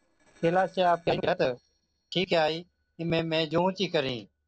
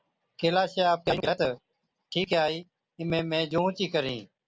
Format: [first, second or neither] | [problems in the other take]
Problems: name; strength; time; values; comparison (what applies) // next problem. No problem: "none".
second | noise reduction (neural separator model SepFormer DNS4)